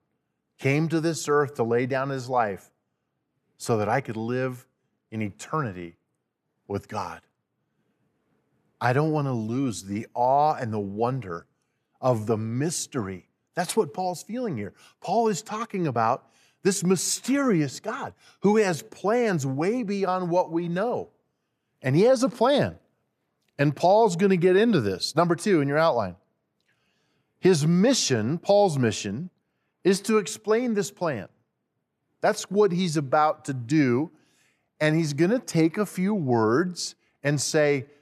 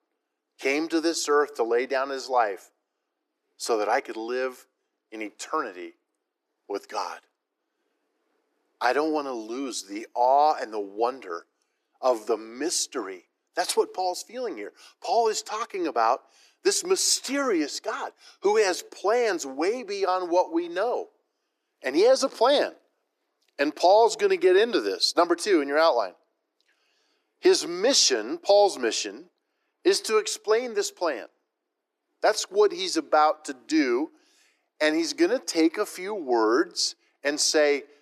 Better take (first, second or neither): first